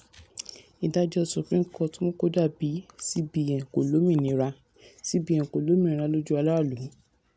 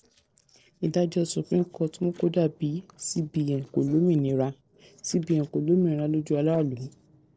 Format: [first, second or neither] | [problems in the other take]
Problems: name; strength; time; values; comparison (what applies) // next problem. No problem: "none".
first | noise reduction (neural separator model SepFormer DNS4)